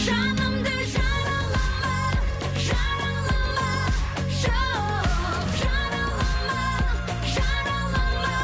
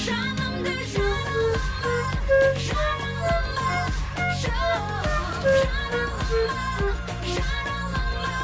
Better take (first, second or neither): first